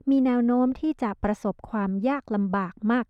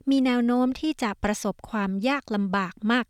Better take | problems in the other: second | muffled; very; fading above 2 kHz

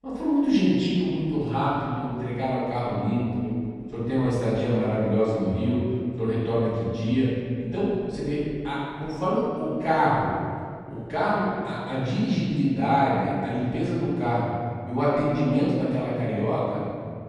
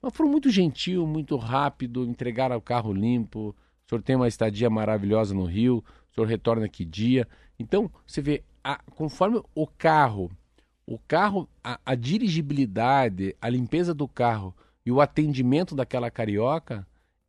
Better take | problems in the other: second | off-mic speech; far // room echo; strong; dies away in 2.1 s

